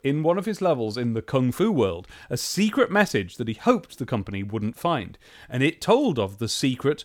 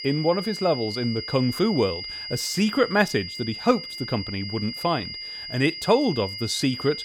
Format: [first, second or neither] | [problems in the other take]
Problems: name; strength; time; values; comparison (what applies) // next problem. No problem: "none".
first | high-pitched whine; loud; throughout; 5 kHz, 8 dB below the speech